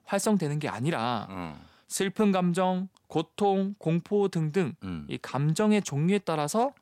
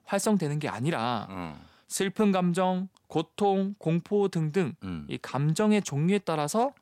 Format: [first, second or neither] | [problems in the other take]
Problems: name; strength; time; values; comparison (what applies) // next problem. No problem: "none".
neither | none